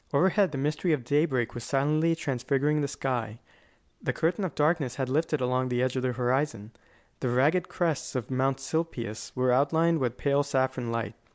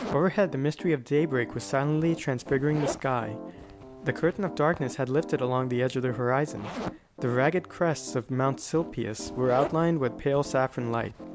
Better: first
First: none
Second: background sound (Zipper (clothing) + Piano); 12 dB below the speech

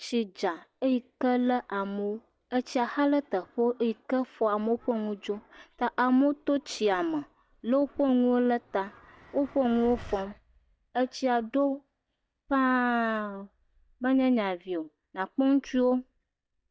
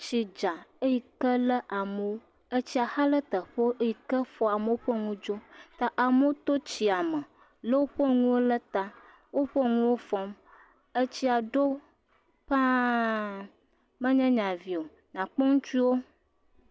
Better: second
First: noise reduction (neural mask model DeepFilterNet 3)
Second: none

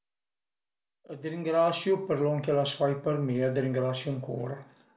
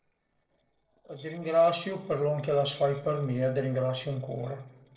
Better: first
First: none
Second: noise reduction (neural separator model SepFormer DNS4)

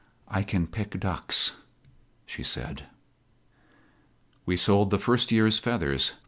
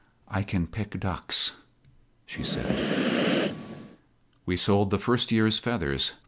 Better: first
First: none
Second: background sound (Breathing); 2 dB above the speech

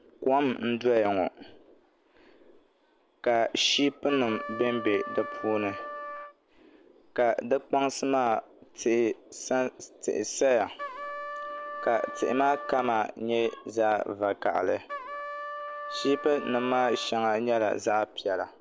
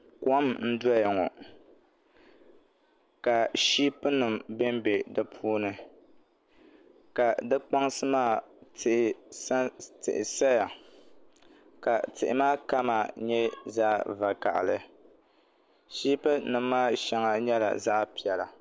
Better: second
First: background sound (Trumpet); 10 dB below the speech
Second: none

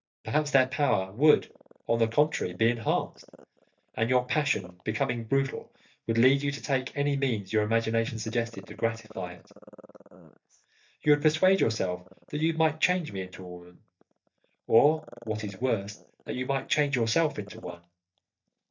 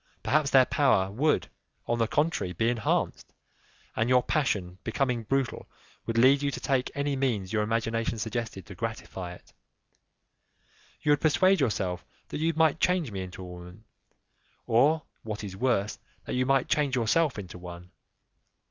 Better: second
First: noise reduction (neural mask model DeepFilterNet 3)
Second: none

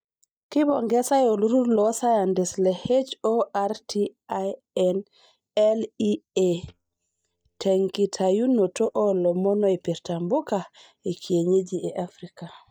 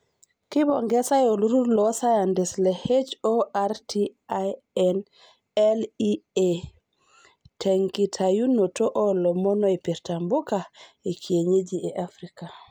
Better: second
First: noise reduction (neural mask model DeepFilterNet 3)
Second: none

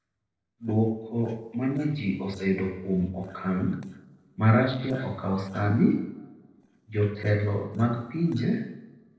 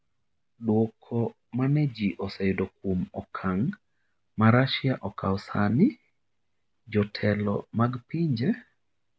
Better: second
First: noise reduction (neural separator model SepFormer DNS4)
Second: none

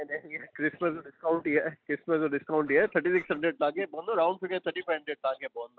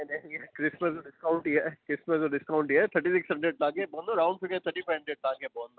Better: second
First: noise reduction (neural mask model Resemble Enhance denoiser)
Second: none

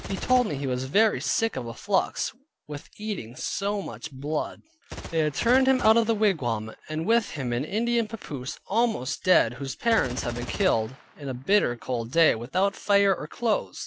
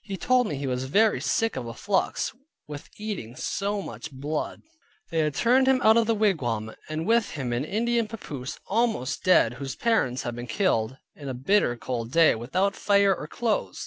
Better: second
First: background sound (Gunshot, gunfire); 18 dB below the speech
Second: none

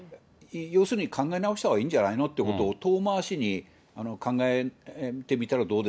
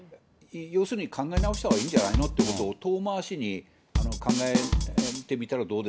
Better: first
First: none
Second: background sound (Bass drum / Snare drum / Drum kit); 3 dB above the speech

